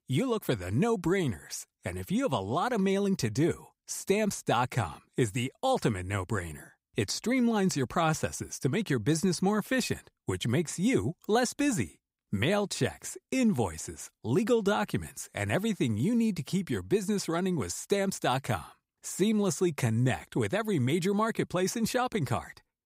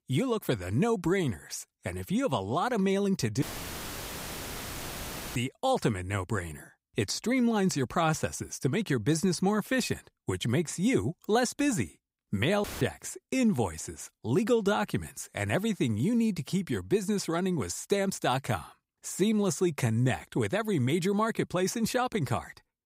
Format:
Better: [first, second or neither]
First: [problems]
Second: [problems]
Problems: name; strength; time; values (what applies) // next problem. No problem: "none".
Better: first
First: none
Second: audio cutting out; filled with static; at 3.5 s for 2 s and at 13 s